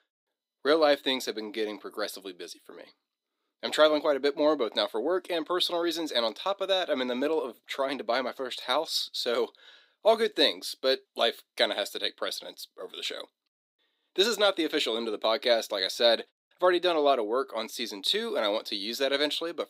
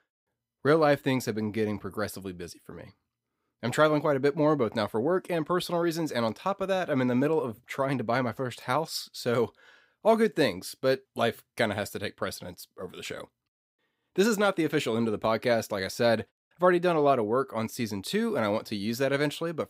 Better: second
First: thin; somewhat; fading below 300 Hz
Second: none

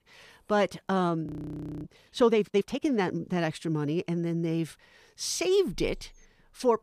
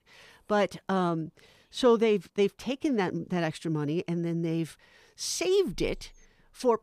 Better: second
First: audio freezing; at 1.5 s for 0.5 s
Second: none

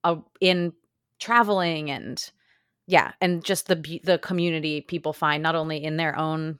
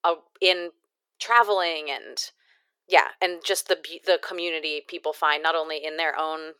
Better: first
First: none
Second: thin; very; fading below 400 Hz

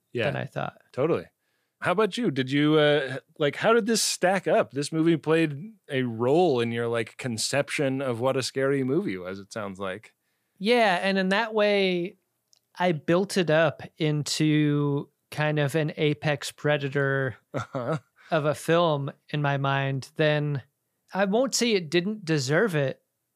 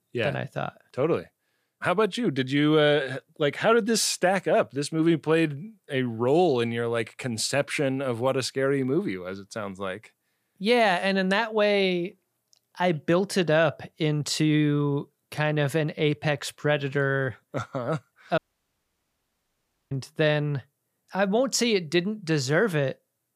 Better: first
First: none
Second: audio cutting out; at 18 s for 1.5 s

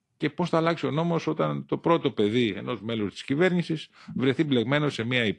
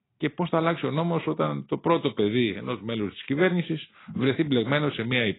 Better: first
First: garbled, watery; slightly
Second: garbled, watery; badly; nothing above 4 kHz

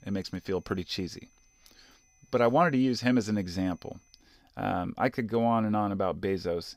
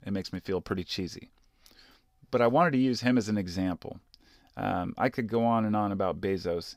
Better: second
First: high-pitched whine; faint; until 4 s; 6 kHz, 35 dB below the speech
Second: none

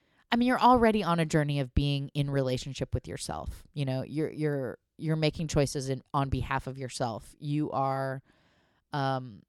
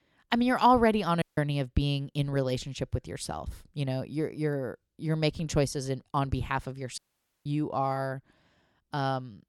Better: first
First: none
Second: audio cutting out; at 1 s and at 7 s

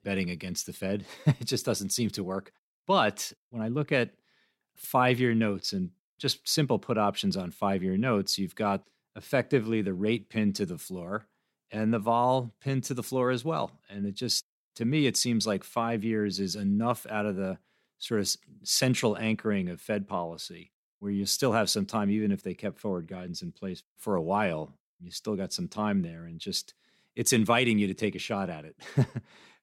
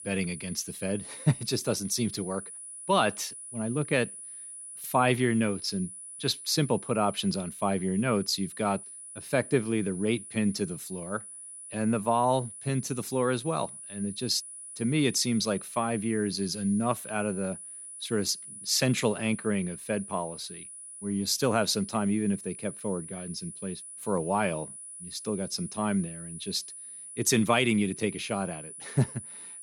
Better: first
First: none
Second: high-pitched whine; noticeable; throughout; 10 kHz, 10 dB below the speech

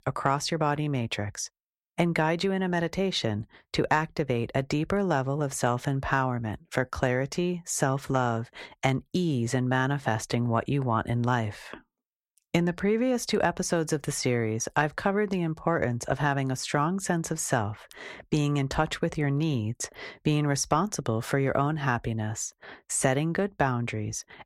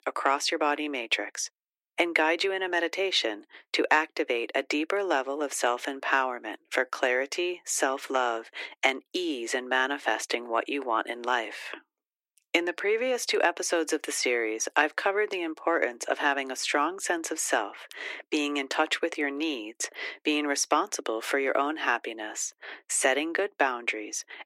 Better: first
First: none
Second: thin; somewhat; fading below 300 Hz

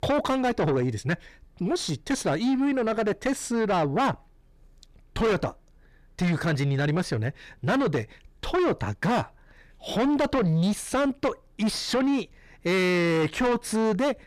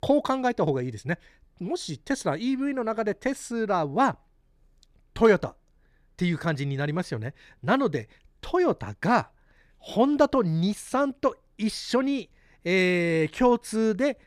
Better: second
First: distortion; heavy; 5 dB below the speech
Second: none

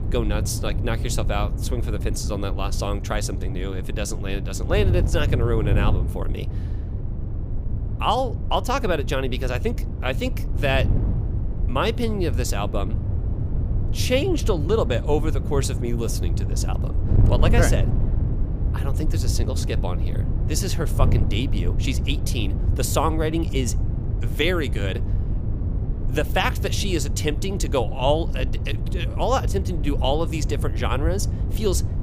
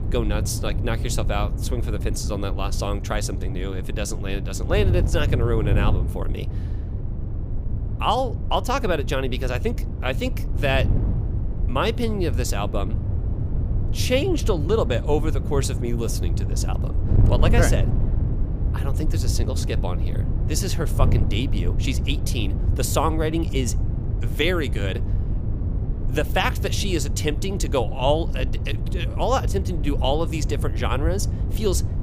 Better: neither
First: wind noise on the microphone; occasional gusts; 10 dB below the speech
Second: wind noise on the microphone; occasional gusts; 10 dB below the speech

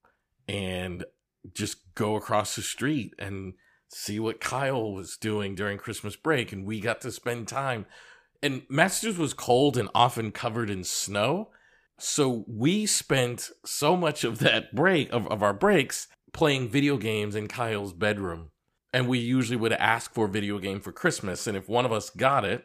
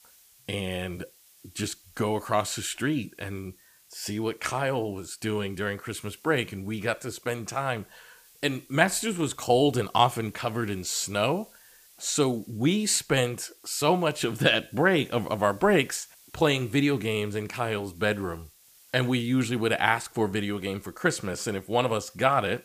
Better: first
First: none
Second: hiss; faint; throughout; 25 dB below the speech

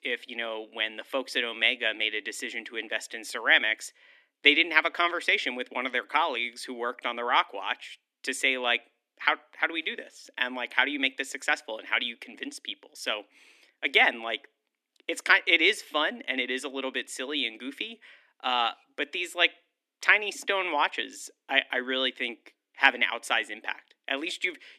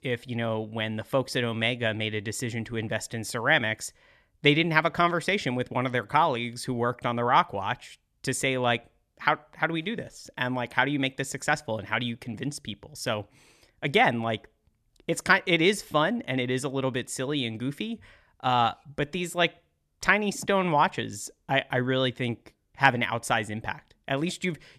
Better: second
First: thin; somewhat; fading below 250 Hz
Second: none

